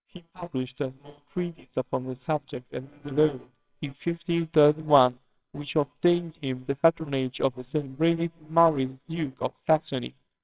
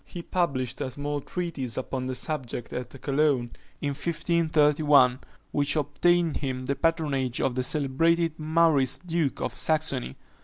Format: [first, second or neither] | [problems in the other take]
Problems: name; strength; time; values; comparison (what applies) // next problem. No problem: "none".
second | noise reduction (neural separator model SepFormer WHAMR!)